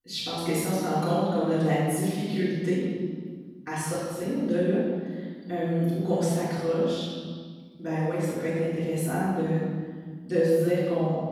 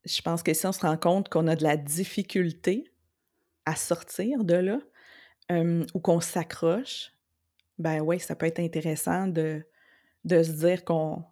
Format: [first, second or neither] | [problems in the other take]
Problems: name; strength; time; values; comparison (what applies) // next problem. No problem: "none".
second | room echo; strong; dies away in 2 s // off-mic speech; far